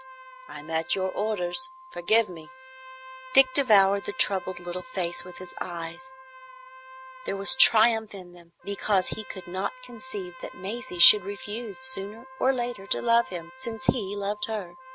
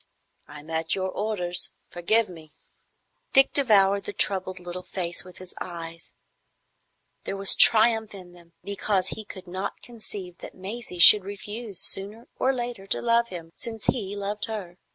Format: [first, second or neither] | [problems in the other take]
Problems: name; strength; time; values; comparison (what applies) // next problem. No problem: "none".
second | background sound (Organ + Trumpet); 17 dB below the speech